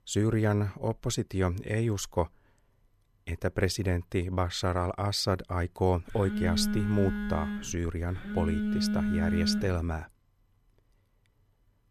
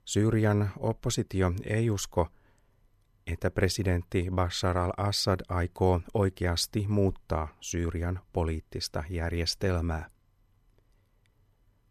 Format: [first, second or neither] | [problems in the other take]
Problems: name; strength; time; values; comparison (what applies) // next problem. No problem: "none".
second | phone ringing; loud; from 6 to 10 s; peak 2 dB above the speech